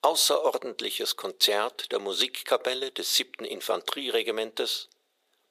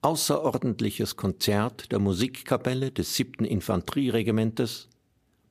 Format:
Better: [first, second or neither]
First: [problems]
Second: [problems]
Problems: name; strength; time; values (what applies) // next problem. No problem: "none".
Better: second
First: thin; very; fading below 450 Hz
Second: none